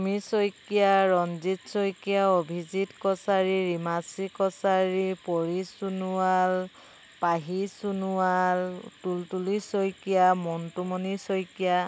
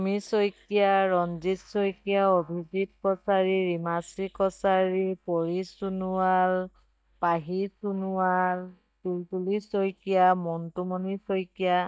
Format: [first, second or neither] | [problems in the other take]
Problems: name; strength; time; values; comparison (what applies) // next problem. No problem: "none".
first | noise reduction (neural mask model DeepFilterNet 3)